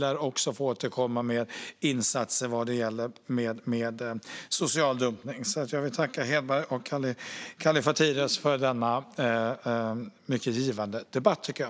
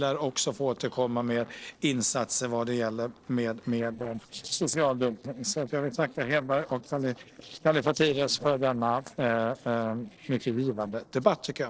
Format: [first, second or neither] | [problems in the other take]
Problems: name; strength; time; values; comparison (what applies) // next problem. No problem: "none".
first | noise reduction (neural separator model SepFormer DNS4)